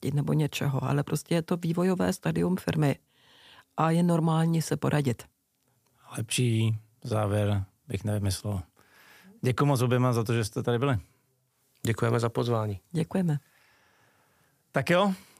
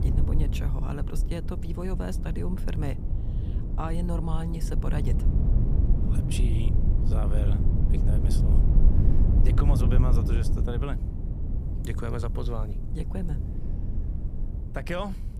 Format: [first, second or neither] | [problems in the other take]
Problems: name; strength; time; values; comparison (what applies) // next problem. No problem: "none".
first | low rumble; loud; throughout; 3 dB below the speech